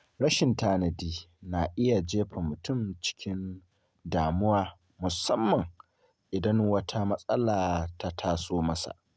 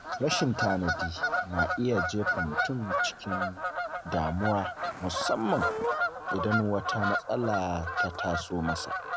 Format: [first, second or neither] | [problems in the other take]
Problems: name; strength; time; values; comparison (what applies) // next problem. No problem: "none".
first | background sound (Bird vocalization, bird call, bird song / Fowl); 1 dB below the speech